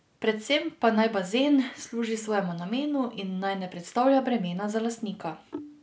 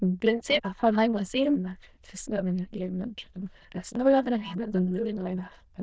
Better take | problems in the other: first | noise reduction (neural diffusion model UNIVERSE++)

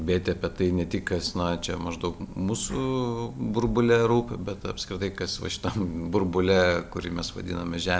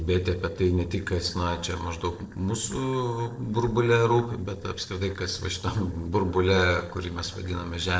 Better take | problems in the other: first | noise reduction (neural separator model SepFormer DNS4)

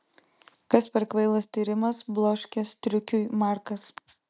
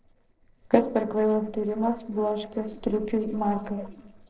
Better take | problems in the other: first | noise reduction (neural separator model SepFormer DNS4)

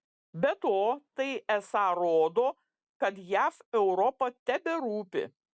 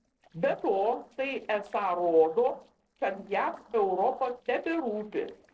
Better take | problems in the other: first | noise reduction (neural separator model SepFormer DNS4)

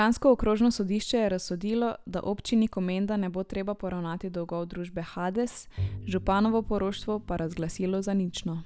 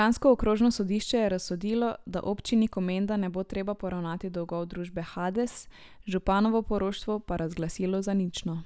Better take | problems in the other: second | background sound (Bowed string instrument); 12 dB below the speech

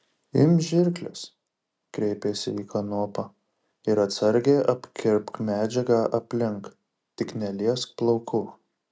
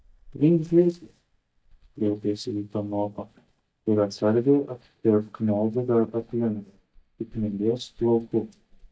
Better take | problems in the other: first | noise reduction (neural mask model DeepFilterNet 3)

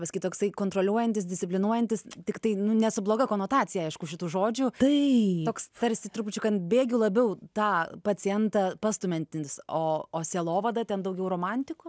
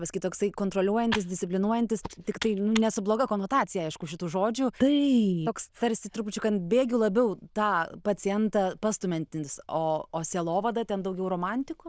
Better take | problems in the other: first | noise reduction (neural diffusion model UNIVERSE++)

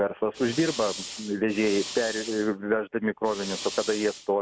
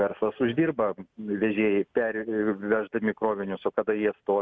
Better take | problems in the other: second | background sound (Fire); 11 dB below the speech

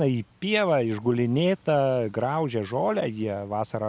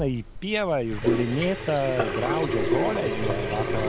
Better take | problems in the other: first | background sound (Sink (filling or washing) / Water tap, faucet); 1 dB below the speech

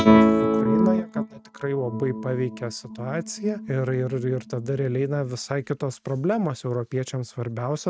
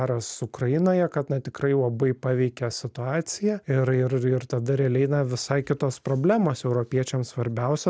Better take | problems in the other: second | noise reduction (neural mask model RNNoise)

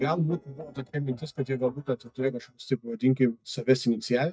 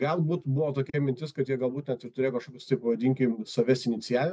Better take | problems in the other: second | noise reduction (neural mask model DeepFilterNet 3)

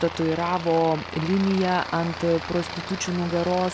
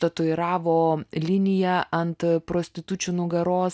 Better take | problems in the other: second | background sound (Aircraft); 11 dB below the speech

